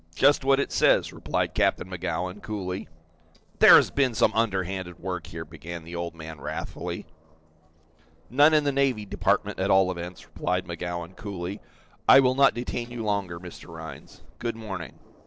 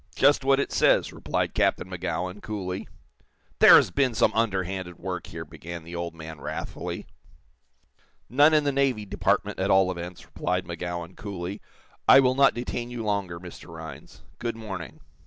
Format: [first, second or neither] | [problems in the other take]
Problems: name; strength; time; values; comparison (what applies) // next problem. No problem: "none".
second | noise reduction (neural separator model SepFormer DNS4)